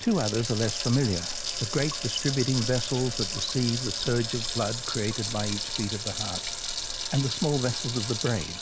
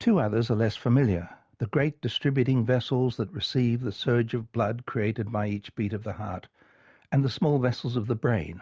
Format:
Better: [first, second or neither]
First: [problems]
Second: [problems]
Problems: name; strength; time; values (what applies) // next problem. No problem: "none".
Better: second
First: background sound (Sink (filling or washing) / Water tap, faucet); 4 dB below the speech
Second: none